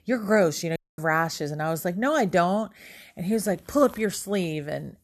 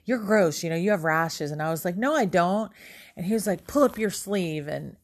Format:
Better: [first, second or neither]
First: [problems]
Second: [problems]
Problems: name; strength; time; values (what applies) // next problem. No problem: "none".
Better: second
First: audio cutting out; at 1 s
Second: none